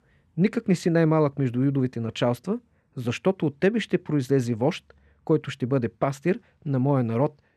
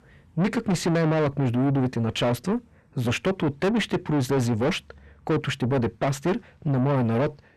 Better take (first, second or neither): first